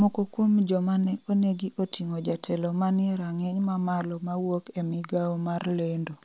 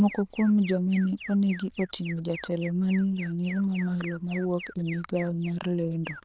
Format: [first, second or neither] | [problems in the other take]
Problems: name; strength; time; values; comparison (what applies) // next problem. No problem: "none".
first | noise reduction (neural diffusion model UNIVERSE++)